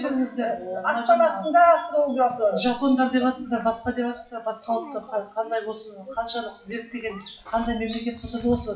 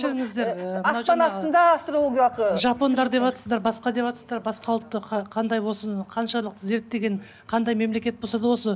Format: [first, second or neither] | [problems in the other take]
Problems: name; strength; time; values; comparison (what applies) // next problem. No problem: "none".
second | noise reduction (classical method WPE with log-MMSE)